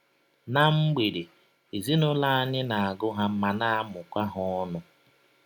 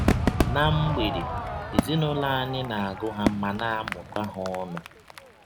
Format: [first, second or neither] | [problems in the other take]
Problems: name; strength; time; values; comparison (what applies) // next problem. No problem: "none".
first | background sound (Crowd / Fireworks); as loud as the speech